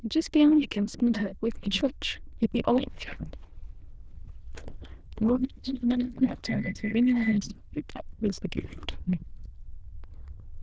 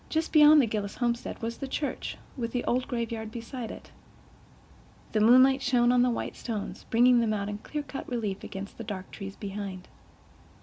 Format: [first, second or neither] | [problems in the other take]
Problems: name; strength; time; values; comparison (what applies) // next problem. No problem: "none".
second | noise reduction (neural diffusion model UNIVERSE++)